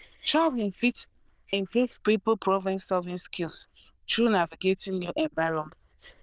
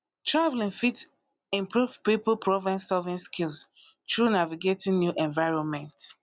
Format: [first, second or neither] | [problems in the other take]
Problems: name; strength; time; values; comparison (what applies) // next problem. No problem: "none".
second | noise reduction (neural diffusion model UNIVERSE++)